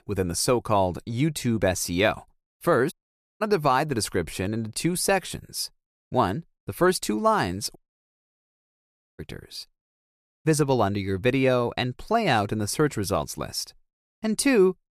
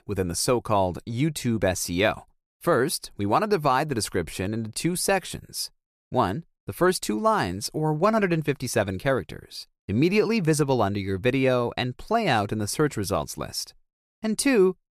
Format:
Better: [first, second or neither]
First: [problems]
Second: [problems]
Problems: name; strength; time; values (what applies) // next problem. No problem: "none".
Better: second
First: audio cutting out; at 3 s, at 8 s for 1.5 s and at 10 s for 0.5 s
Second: none